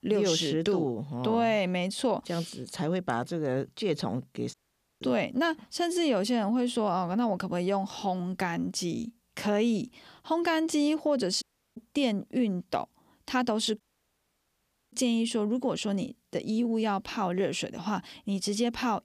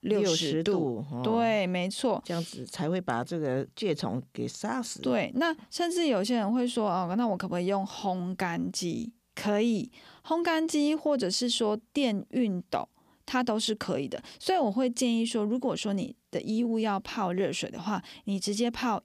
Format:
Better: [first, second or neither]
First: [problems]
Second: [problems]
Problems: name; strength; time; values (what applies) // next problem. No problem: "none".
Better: second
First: audio cutting out; at 4.5 s, at 11 s and at 14 s for 1 s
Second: none